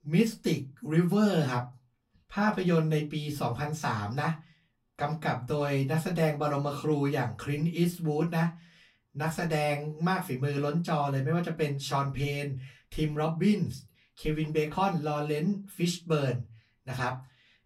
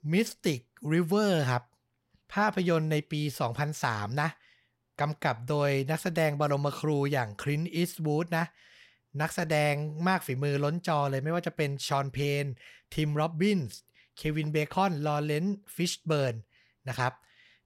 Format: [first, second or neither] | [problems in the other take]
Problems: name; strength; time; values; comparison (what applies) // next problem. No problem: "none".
second | off-mic speech; far // room echo; very slight; dies away in 0.2 s